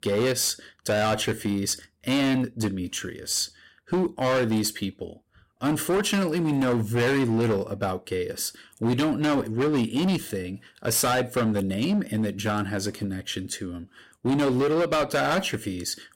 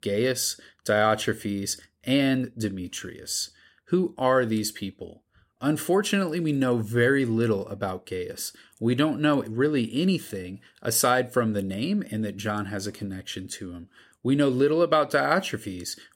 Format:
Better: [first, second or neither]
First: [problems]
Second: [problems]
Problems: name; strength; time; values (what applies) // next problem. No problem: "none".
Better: second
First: distortion; heavy; 14% of the sound clipped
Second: none